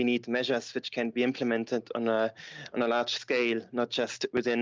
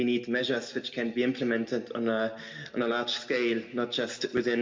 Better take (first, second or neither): first